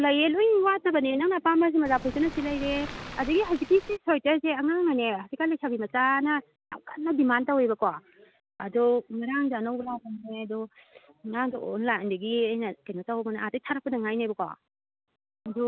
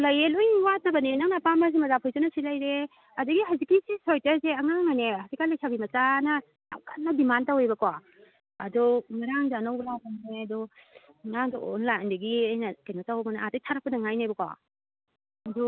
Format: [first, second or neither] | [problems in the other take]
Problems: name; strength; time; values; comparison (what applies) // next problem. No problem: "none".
second | background sound (Waves, surf); 12 dB below the speech